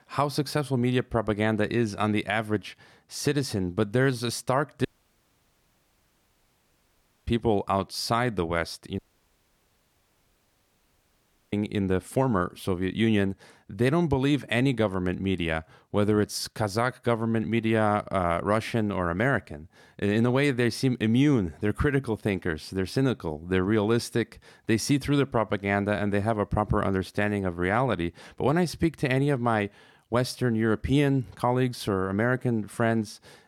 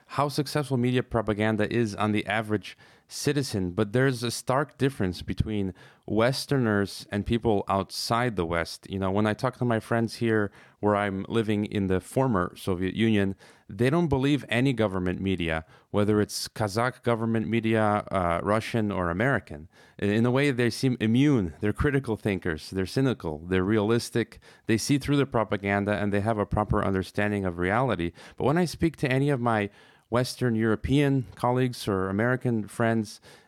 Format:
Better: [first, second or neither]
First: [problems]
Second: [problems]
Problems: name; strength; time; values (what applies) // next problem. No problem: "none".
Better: second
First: audio cutting out; at 5 s for 2.5 s and at 9 s for 2.5 s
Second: none